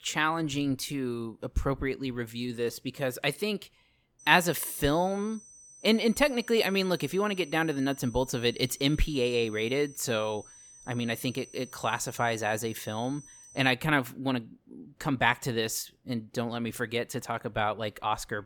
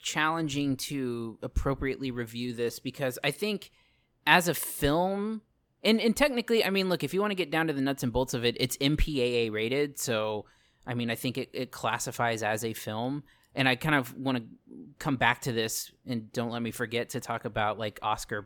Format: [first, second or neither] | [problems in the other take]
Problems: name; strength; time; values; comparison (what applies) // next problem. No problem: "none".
second | high-pitched whine; faint; from 4 to 14 s; 6 kHz, 20 dB below the speech